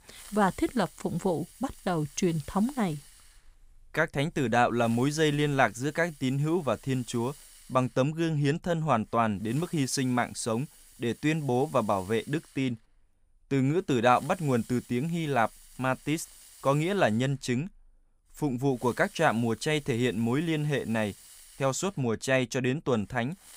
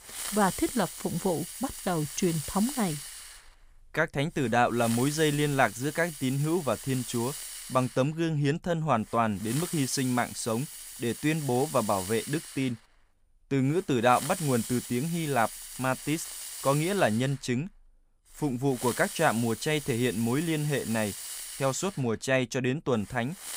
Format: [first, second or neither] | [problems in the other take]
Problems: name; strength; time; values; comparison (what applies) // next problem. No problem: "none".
first | hiss; loud; throughout; 9 dB below the speech; faint in the first